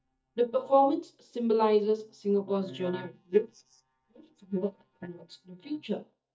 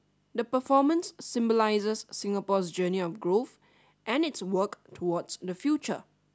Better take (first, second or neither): second